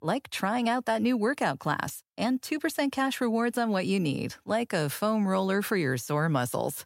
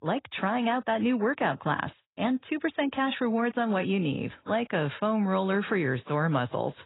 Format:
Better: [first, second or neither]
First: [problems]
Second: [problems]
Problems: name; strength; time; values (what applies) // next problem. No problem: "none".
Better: first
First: none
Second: garbled, watery; badly; nothing above 4 kHz